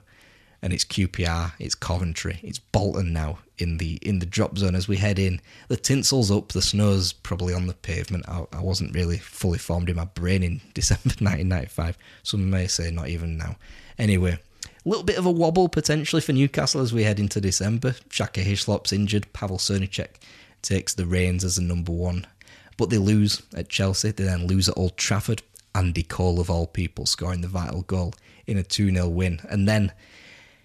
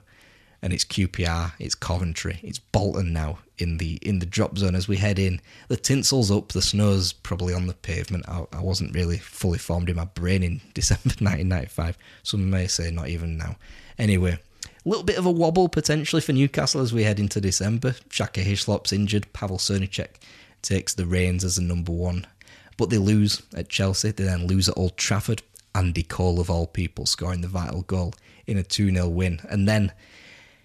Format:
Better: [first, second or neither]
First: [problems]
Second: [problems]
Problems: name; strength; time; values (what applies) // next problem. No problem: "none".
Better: neither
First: none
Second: none